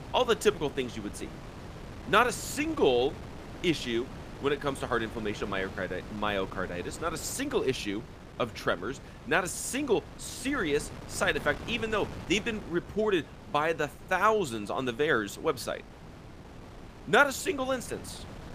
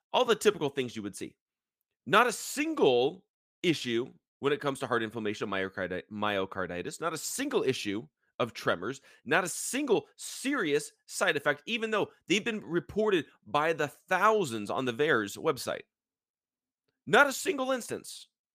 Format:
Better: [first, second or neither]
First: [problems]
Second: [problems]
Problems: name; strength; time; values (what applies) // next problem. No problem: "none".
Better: second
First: wind noise on the microphone; occasional gusts; 20 dB below the speech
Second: none